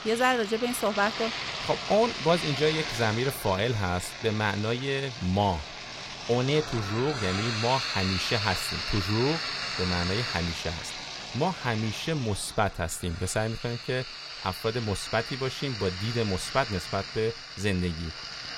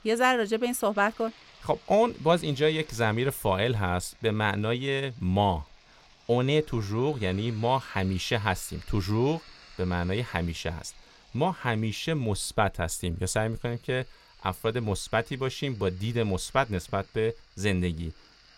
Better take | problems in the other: second | household noises; loud; throughout; 5 dB below the speech; faint in the second

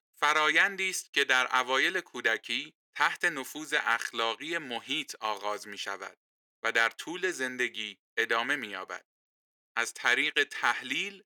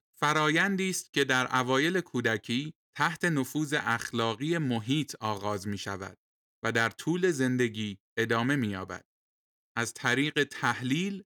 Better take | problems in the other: second | thin; very; fading below 550 Hz

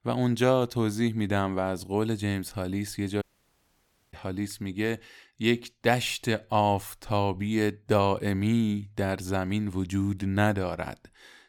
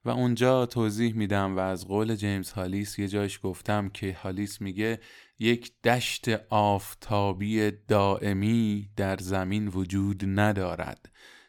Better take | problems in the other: second | audio cutting out; at 3 s for 1 s

